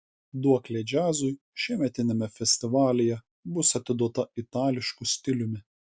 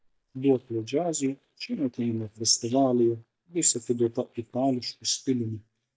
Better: first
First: none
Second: noise reduction (neural mask model DeepFilterNet 3)

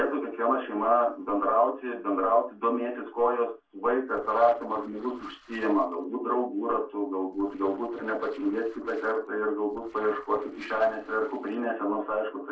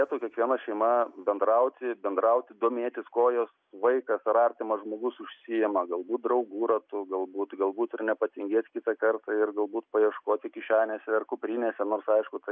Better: second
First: noise reduction (neural separator model SepFormer DNS4)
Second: none

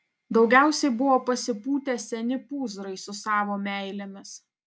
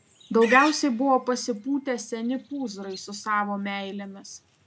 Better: first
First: none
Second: background sound (Livestock, farm animals, working animals); 15 dB below the speech

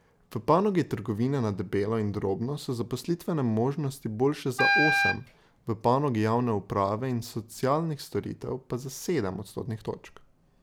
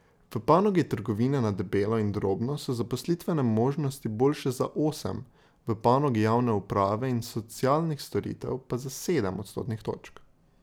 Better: second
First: background sound (Wind instrument, woodwind instrument); 2 dB above the speech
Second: none

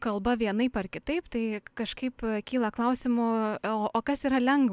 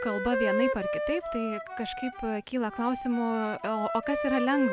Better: first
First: none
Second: background sound (Wind instrument, woodwind instrument); 3 dB below the speech

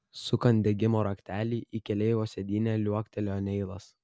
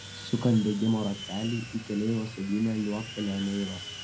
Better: first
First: none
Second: background sound (Sawing); 13 dB below the speech // room echo; dies away in 0.2 s

